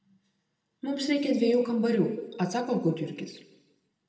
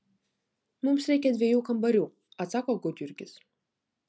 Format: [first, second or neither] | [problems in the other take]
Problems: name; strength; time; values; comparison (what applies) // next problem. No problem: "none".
second | room echo; dies away in 0.9 s